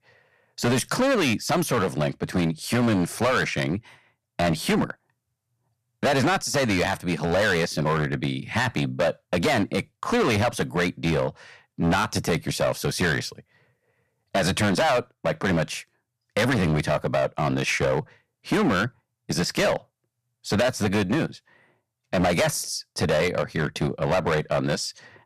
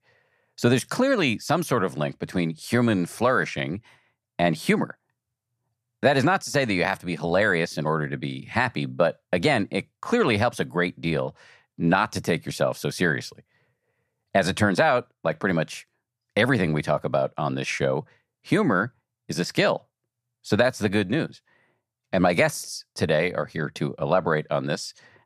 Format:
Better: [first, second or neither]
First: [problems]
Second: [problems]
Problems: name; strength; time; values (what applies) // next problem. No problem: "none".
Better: second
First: distortion; heavy; 12% of the sound clipped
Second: none